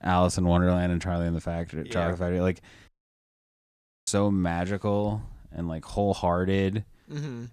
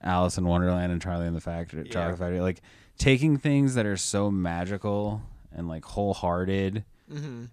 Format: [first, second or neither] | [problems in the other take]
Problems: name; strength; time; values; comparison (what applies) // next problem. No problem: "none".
second | audio cutting out; at 3 s for 1 s